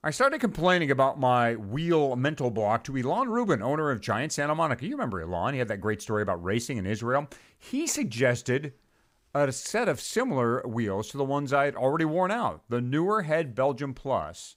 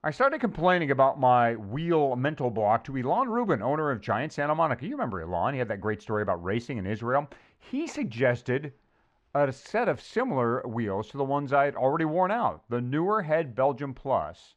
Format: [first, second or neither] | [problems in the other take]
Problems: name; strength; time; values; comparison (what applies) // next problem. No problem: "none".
first | muffled; very; fading above 3 kHz